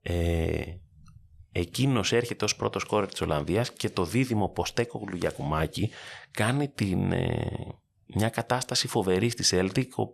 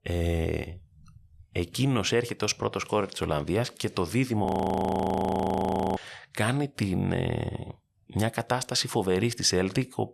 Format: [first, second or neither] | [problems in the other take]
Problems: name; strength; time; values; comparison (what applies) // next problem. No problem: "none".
first | audio freezing; at 4.5 s for 1.5 s